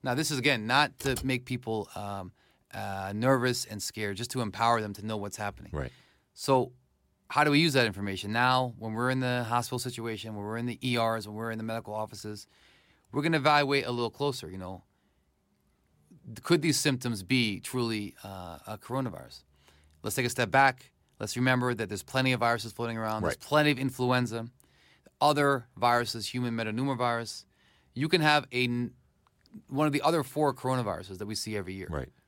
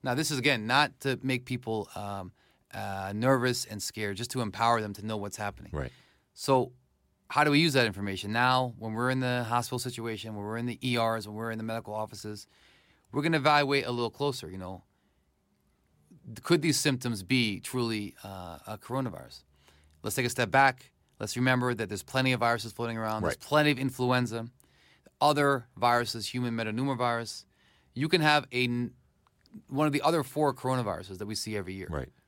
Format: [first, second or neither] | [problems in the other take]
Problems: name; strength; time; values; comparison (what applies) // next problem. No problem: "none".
second | keyboard typing; faint; at 1 s; peak 10 dB below the speech